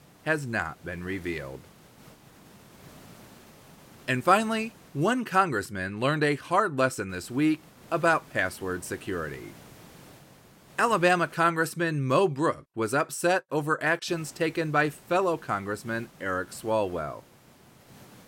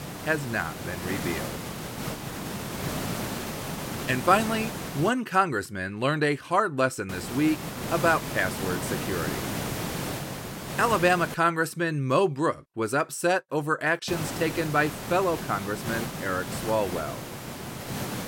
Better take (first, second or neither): first